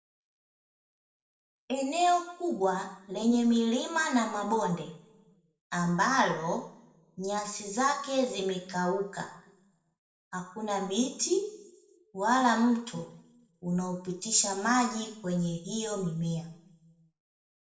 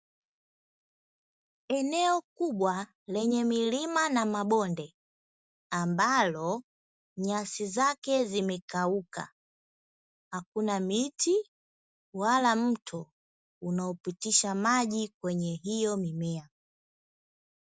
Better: second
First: room echo; dies away in 0.6 s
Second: none

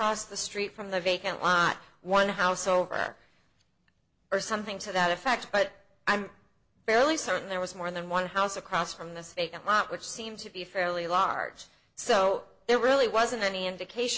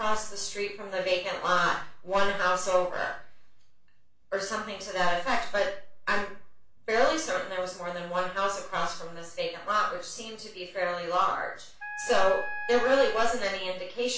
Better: first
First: none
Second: background sound (Wind instrument, woodwind instrument); 10 dB below the speech // room echo; dies away in 0.3 s

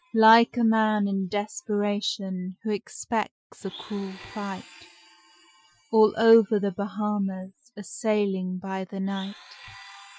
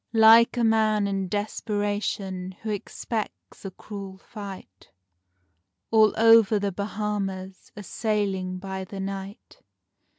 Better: second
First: noise reduction (classical method Wiener filter)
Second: none

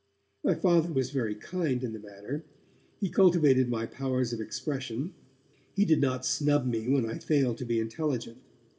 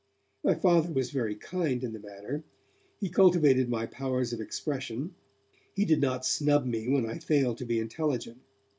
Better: second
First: room echo; dies away in 0.7 s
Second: none

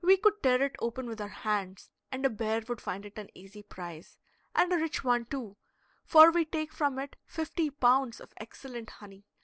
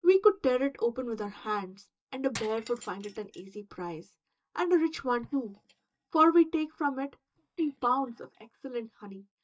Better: first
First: none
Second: noise reduction (neural mask model DeepFilterNet 3)

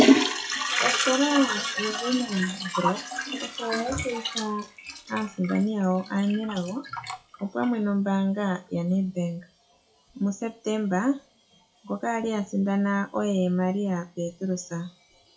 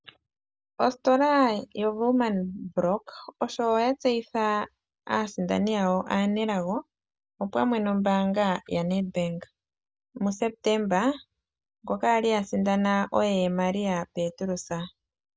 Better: second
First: noise reduction (classical method WPE with log-MMSE)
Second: none

